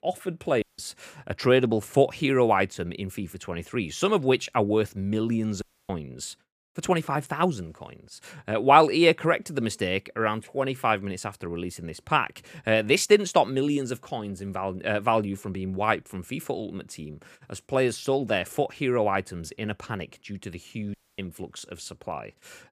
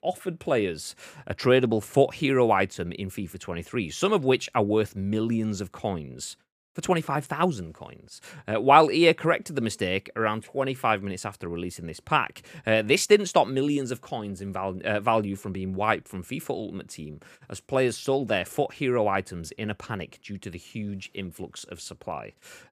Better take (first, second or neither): second